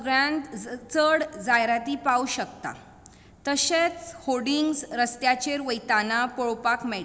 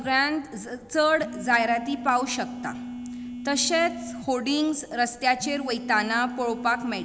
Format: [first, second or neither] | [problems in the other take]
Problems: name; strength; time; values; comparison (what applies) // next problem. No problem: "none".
first | background sound (Telephone); 11 dB below the speech